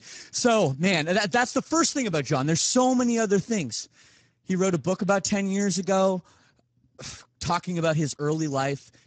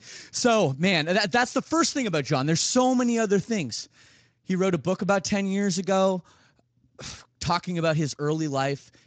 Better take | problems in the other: second | garbled, watery; badly; nothing above 7.5 kHz; slightly in the second

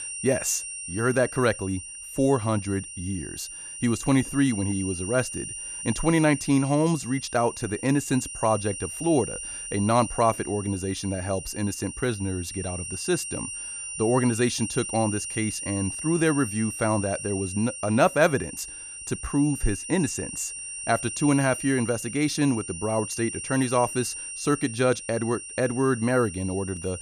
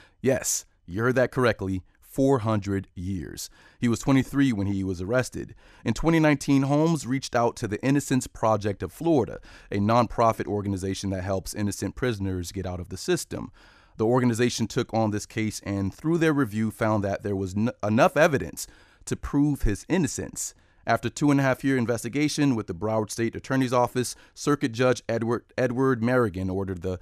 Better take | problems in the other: second | high-pitched whine; loud; throughout; 9 kHz, 8 dB below the speech

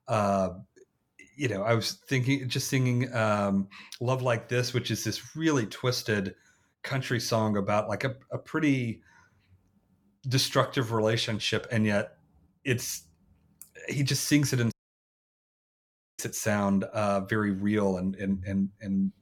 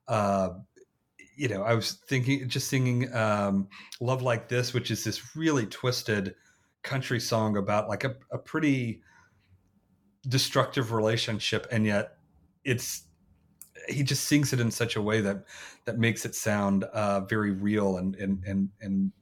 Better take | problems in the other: second | audio cutting out; at 15 s for 1.5 s

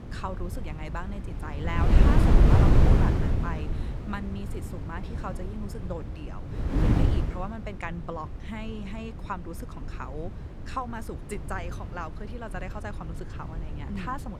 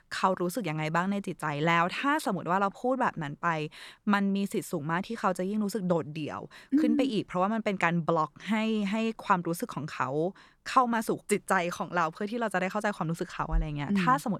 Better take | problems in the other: second | wind noise on the microphone; heavy; 2 dB above the speech

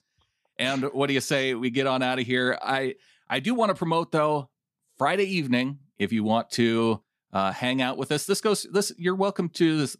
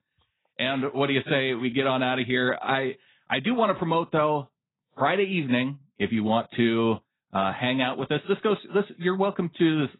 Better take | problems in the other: first | garbled, watery; badly; nothing above 4 kHz

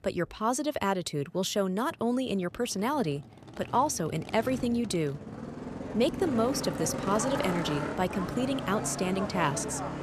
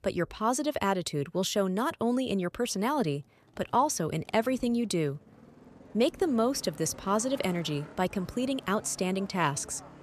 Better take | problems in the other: second | traffic noise; loud; throughout; 6 dB below the speech; faint in the second

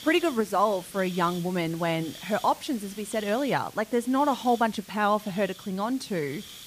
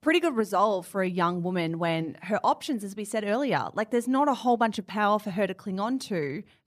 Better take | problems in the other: second | hiss; noticeable; throughout; 15 dB below the speech

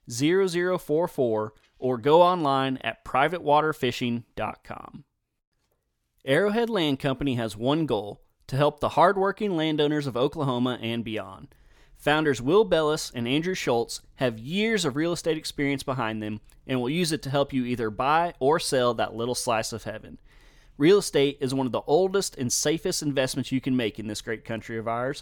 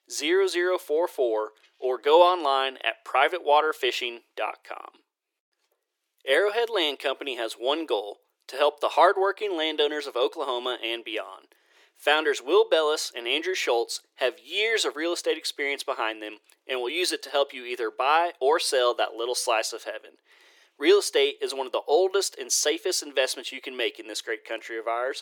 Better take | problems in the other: first | thin; very; fading below 350 Hz

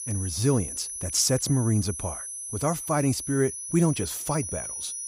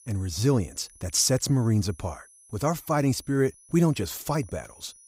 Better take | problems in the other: second | high-pitched whine; loud; throughout; 10.5 kHz, 6 dB below the speech; faint in the second

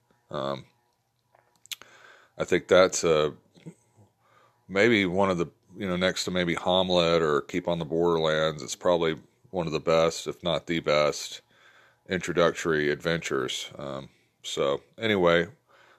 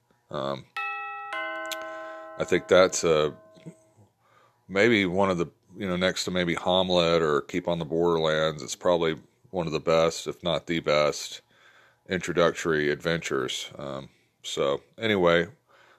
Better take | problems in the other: first | doorbell; noticeable; from 1 to 3 s; peak 6 dB below the speech

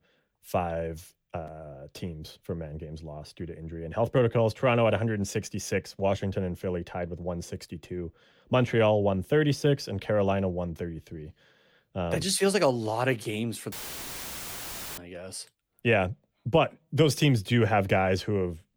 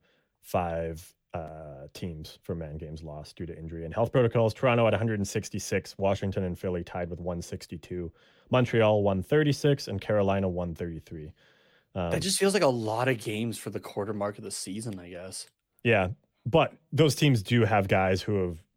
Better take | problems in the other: second | audio cutting out; filled with static; at 14 s for 1.5 s

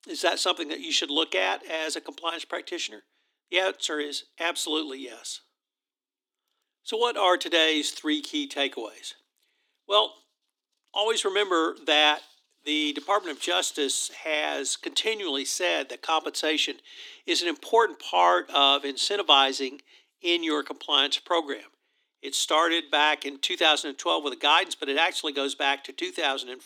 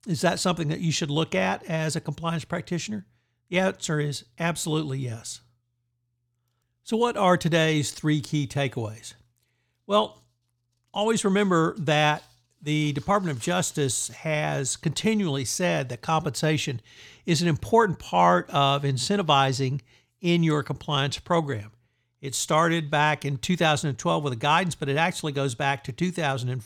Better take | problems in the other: second | thin; somewhat; fading below 250 Hz

